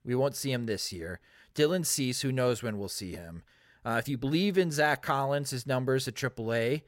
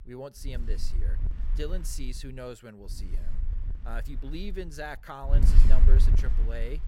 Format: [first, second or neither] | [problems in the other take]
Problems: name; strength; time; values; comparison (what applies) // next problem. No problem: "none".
first | wind noise on the microphone; heavy; 6 dB below the speech